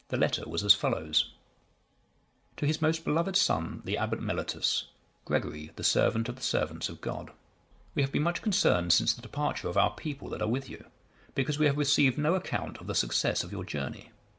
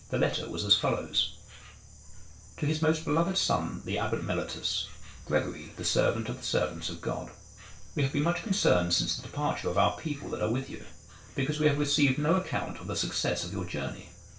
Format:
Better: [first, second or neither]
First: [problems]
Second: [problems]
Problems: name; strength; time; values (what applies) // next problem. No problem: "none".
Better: first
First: none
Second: background sound (Insect); 16 dB below the speech // room echo; dies away in 0.3 s